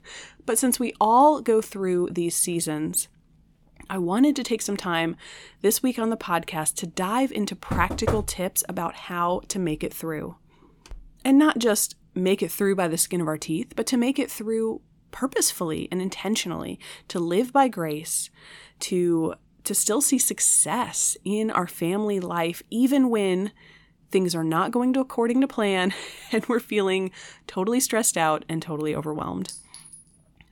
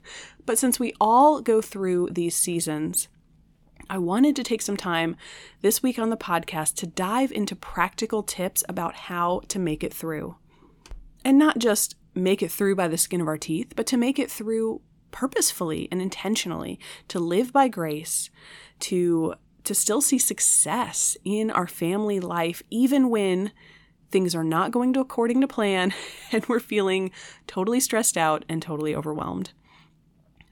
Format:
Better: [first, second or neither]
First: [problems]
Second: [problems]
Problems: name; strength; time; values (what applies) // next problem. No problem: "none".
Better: second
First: door banging; noticeable; at 7.5 s; peak 4 dB below the speech // clattering dishes; faint; at 29 s; peak 15 dB below the speech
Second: none